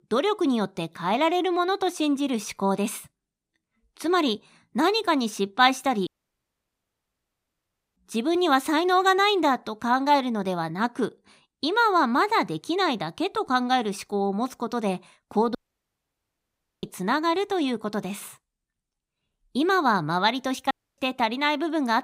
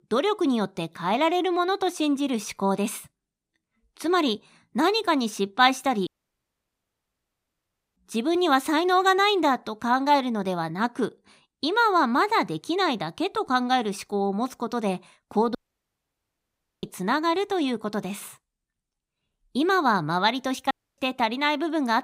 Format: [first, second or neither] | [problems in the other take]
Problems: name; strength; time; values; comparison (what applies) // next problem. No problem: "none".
neither | audio cutting out; at 6 s for 2 s, at 16 s for 1.5 s and at 21 s; the same in both